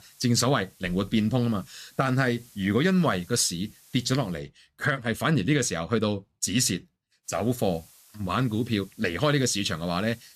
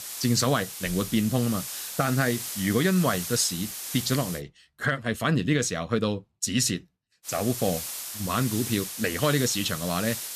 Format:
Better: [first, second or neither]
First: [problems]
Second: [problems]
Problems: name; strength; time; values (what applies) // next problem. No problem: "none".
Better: first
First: hiss; faint; until 4.5 s and from 7.5 s on; 25 dB below the speech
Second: hiss; loud; until 4.5 s and from 7.5 s on; 7 dB below the speech